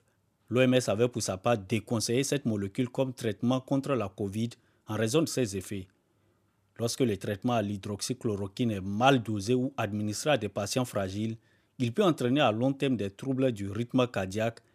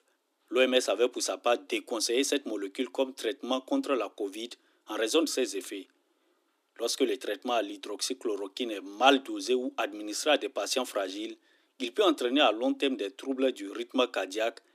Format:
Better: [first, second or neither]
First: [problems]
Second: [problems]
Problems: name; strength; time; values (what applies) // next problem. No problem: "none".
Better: first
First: none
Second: thin; very slightly; fading below 250 Hz